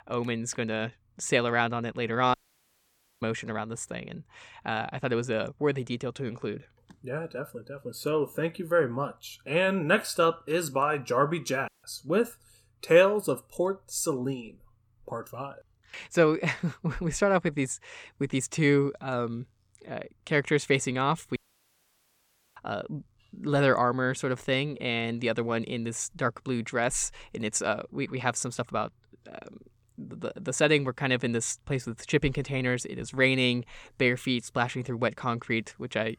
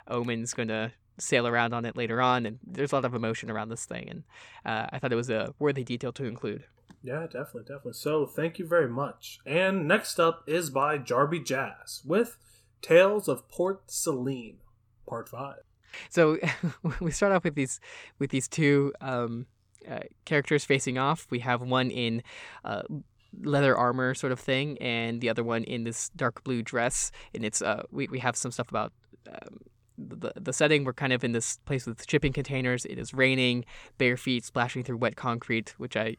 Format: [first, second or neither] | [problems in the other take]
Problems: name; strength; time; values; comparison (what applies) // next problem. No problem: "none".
second | audio cutting out; at 2.5 s for 1 s, at 12 s and at 21 s for 1 s